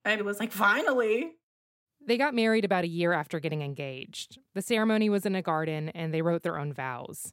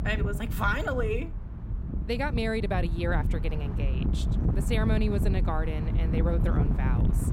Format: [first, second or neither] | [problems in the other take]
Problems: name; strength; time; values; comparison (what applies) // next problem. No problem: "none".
first | wind noise on the microphone; heavy; 8 dB below the speech